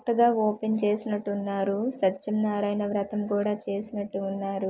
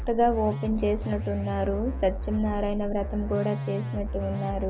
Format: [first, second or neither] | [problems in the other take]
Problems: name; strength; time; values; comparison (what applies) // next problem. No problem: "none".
first | background sound (Musical instrument); 4 dB below the speech